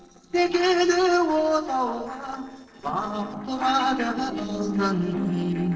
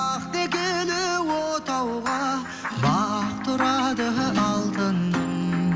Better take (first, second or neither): second